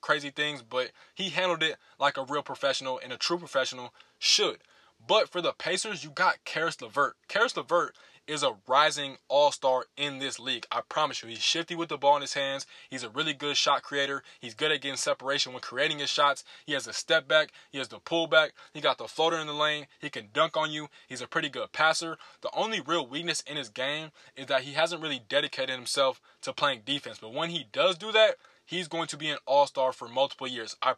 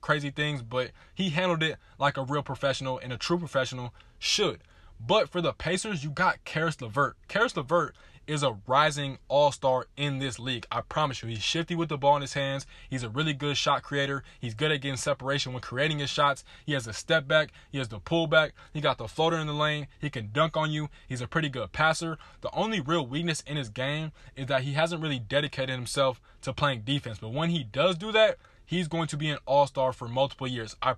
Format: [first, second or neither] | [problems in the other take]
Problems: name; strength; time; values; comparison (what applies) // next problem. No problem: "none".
second | thin; somewhat; fading below 350 Hz